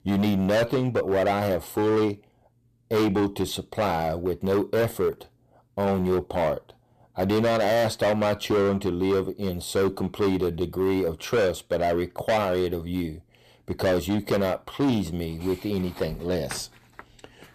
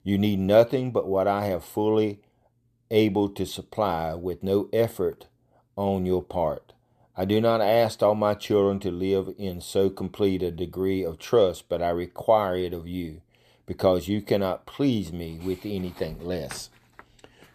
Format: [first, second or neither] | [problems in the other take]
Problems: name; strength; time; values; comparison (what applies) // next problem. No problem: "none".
second | distortion; heavy; 13% of the sound clipped